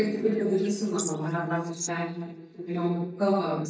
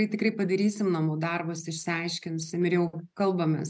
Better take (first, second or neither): second